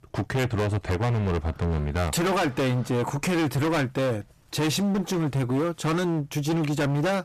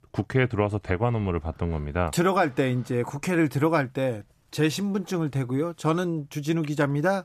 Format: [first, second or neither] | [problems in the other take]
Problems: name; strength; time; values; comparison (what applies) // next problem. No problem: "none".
second | distortion; heavy; 30% of the sound clipped